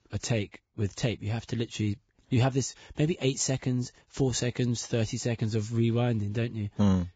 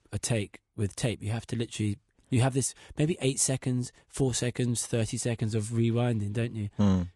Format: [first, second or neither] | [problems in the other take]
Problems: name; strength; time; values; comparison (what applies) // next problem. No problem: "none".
second | garbled, watery; badly; nothing above 7.5 kHz; slightly in the second